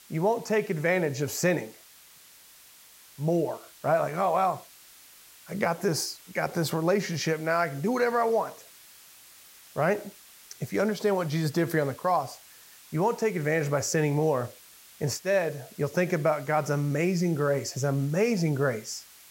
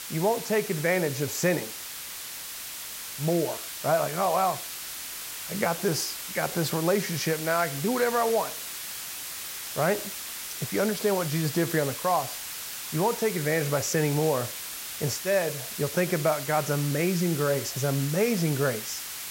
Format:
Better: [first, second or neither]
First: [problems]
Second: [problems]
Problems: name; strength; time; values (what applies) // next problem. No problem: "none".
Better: first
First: hiss; faint; throughout; 20 dB below the speech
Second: hiss; loud; throughout; 7 dB below the speech